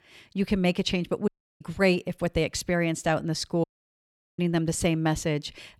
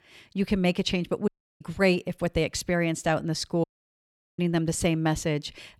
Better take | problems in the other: neither | audio cutting out; at 1.5 s and at 3.5 s for 0.5 s; the same in both

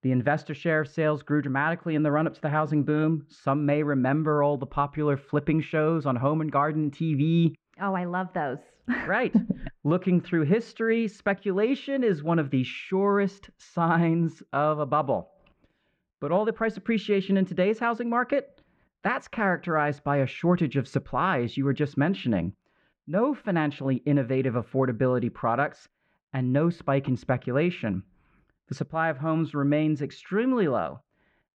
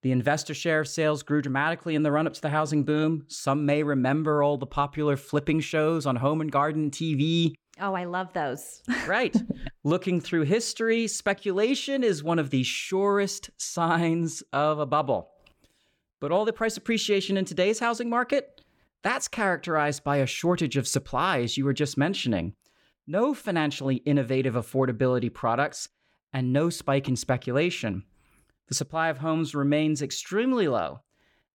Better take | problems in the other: second | muffled; very; fading above 2 kHz

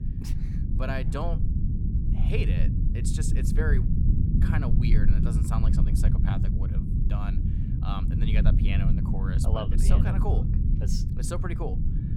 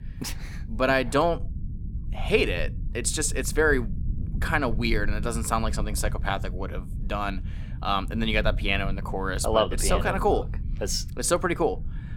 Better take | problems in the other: second | low rumble; loud; throughout; 2 dB below the speech; faint in the second

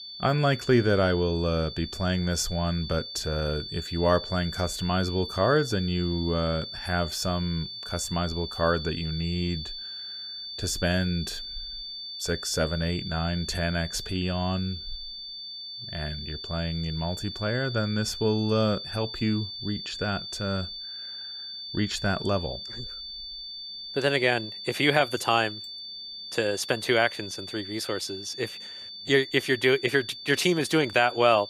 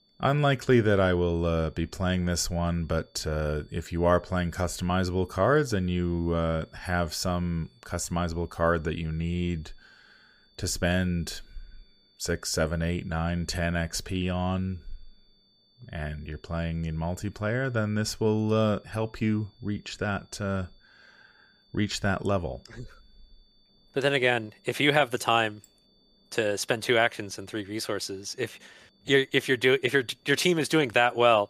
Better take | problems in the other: second | high-pitched whine; loud; throughout; 4.5 kHz, 9 dB below the speech; faint in the second

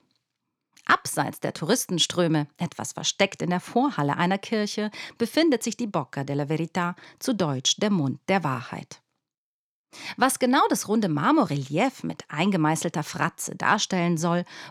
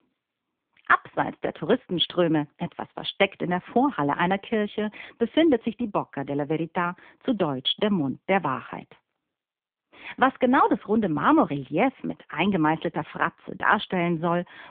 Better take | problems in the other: first | phone-call audio; poor line; nothing above 3.5 kHz

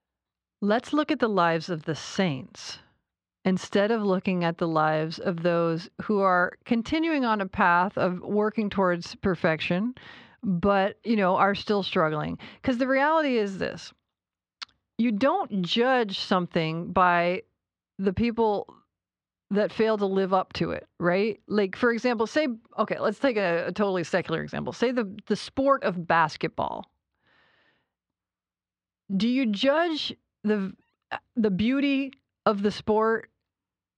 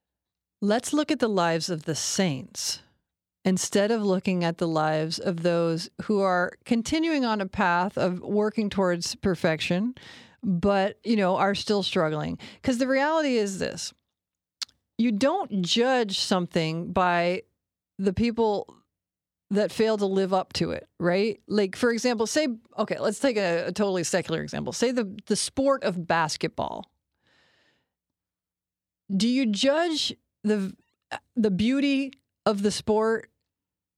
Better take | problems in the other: second | muffled; slightly; fading above 3 kHz

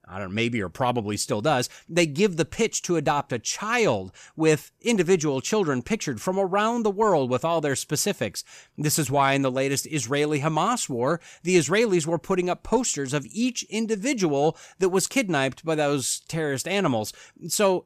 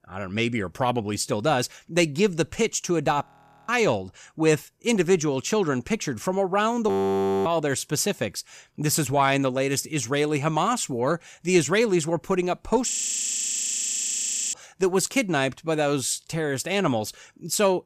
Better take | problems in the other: first | audio freezing; at 3.5 s, at 7 s for 0.5 s and at 13 s for 1.5 s

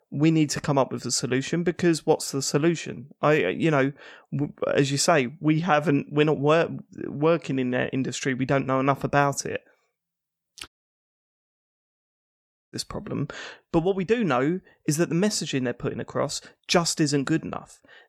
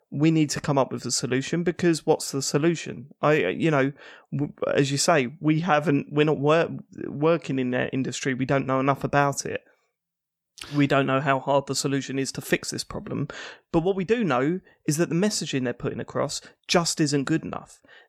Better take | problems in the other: second | audio cutting out; at 11 s for 2 s

